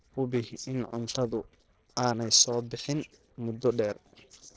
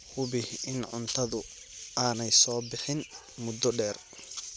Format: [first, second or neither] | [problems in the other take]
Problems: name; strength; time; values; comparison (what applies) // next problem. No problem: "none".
second | noise reduction (neural separator model SepFormer DNS4)